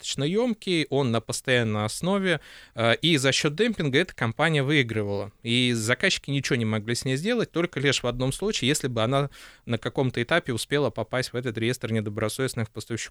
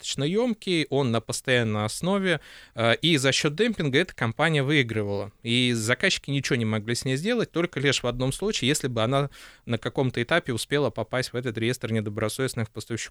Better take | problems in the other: neither | none

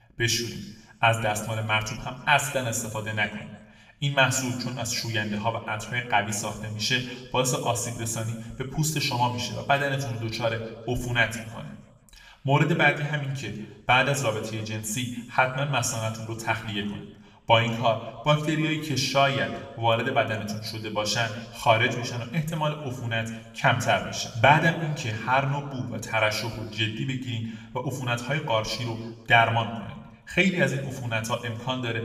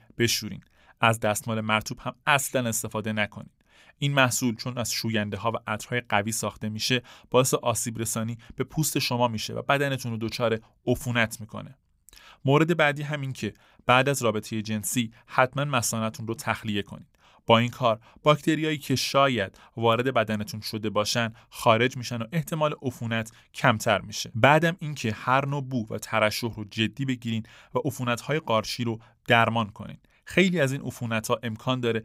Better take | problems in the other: second | room echo; slight; dies away in 1.1 s // off-mic speech; somewhat distant

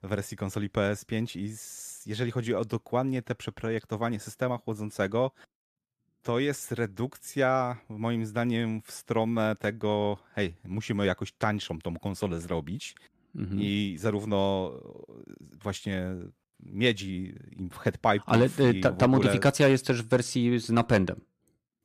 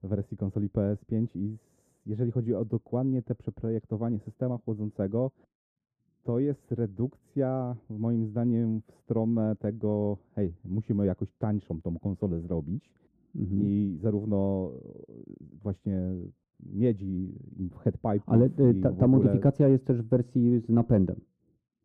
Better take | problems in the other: first | muffled; very; fading above 1 kHz

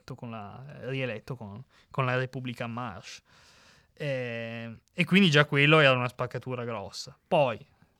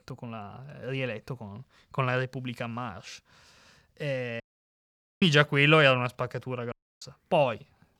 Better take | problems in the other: first | audio cutting out; at 4.5 s for 1 s and at 6.5 s

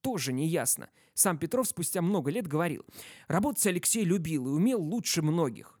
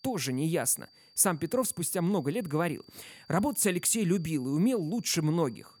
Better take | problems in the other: first | high-pitched whine; faint; throughout; 4.5 kHz, 30 dB below the speech

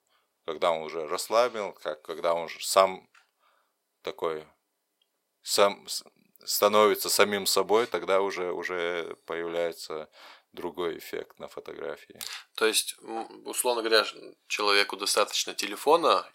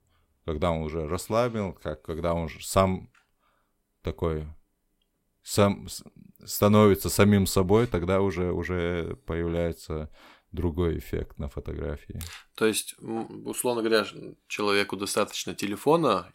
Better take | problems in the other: second | thin; very; fading below 600 Hz

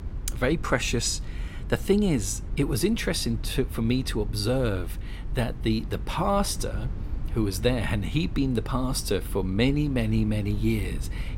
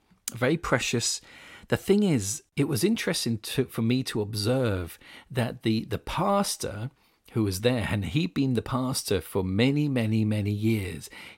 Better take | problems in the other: second | low rumble; noticeable; throughout; 20 dB below the speech

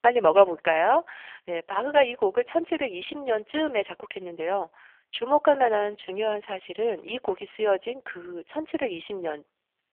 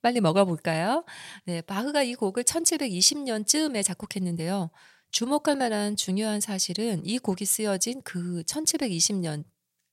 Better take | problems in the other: second | phone-call audio; poor line; nothing above 3 kHz

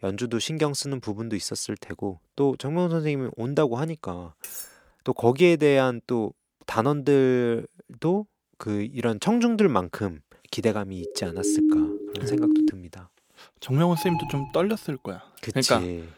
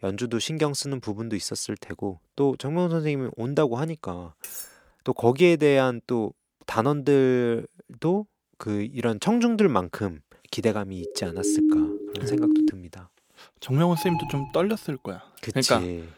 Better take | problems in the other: neither | clattering dishes; faint; at 4.5 s; peak 10 dB below the speech; the same in both // siren; loud; from 11 to 13 s; peak 4 dB above the speech; the same in both // alarm; noticeable; at 14 s; peak 7 dB below the speech; the same in both

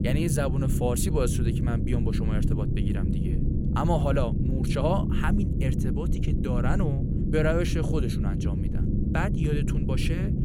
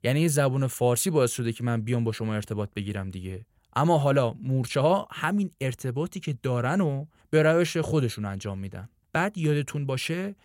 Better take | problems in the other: second | low rumble; loud; throughout; 5 dB below the speech

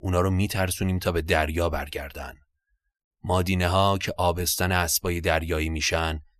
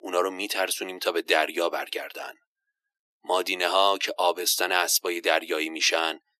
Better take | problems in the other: first | thin; very; fading below 300 Hz

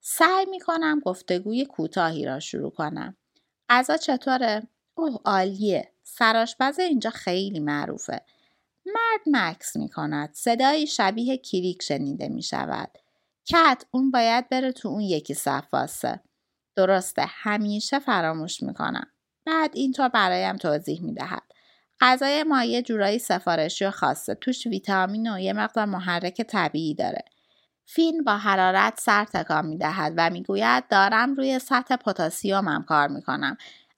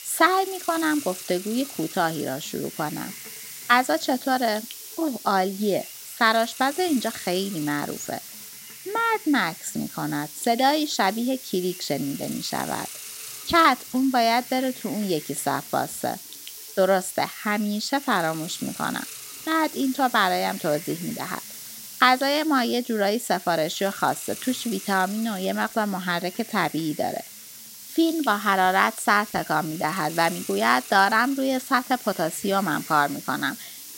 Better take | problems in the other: first | hiss; noticeable; throughout; 10 dB below the speech

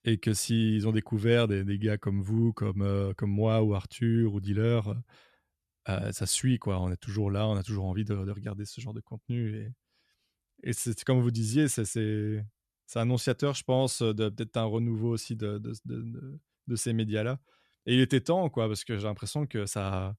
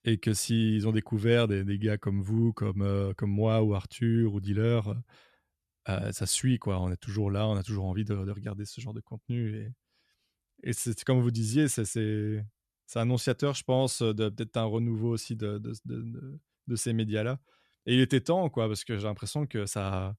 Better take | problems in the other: neither | none

